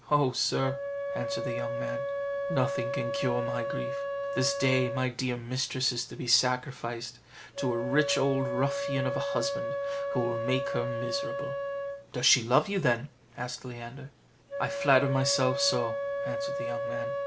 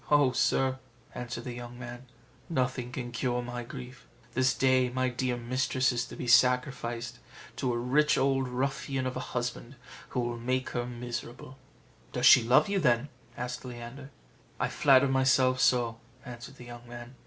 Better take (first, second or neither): second